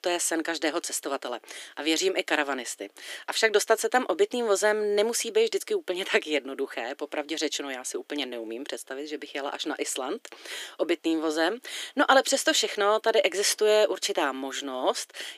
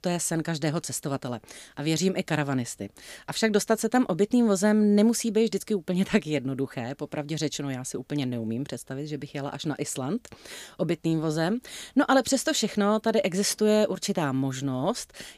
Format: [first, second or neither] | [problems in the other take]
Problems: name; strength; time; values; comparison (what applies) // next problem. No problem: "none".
second | thin; very; fading below 350 Hz